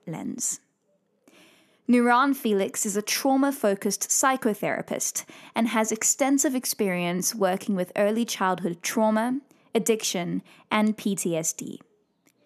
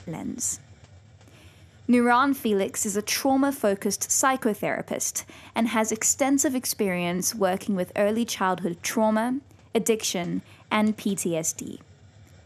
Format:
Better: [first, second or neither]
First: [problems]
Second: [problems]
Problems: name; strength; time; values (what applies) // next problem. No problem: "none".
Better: first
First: none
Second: hiss; faint; throughout; 30 dB below the speech